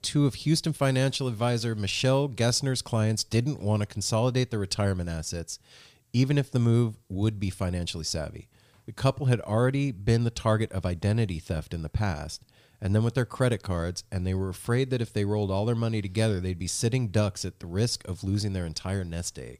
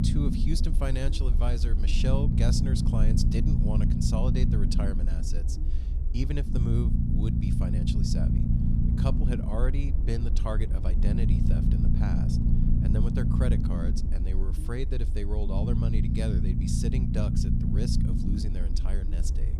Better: first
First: none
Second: low rumble; loud; throughout; as loud as the speech

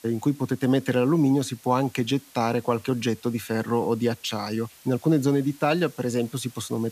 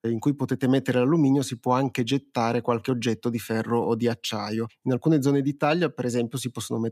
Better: second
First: hiss; faint; throughout; 25 dB below the speech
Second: none

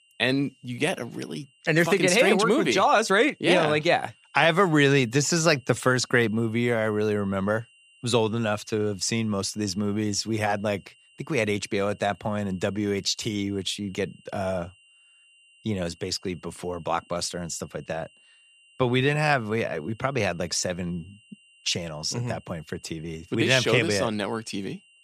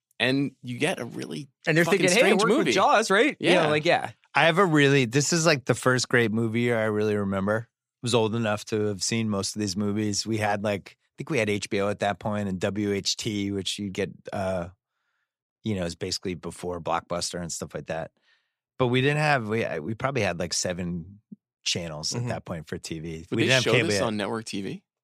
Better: second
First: high-pitched whine; faint; throughout; 3 kHz, 30 dB below the speech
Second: none

